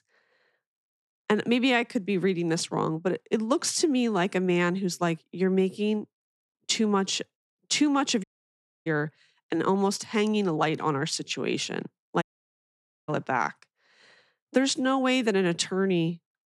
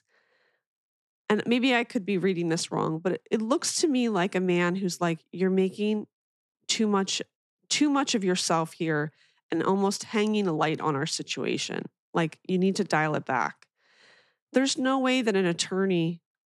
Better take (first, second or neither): second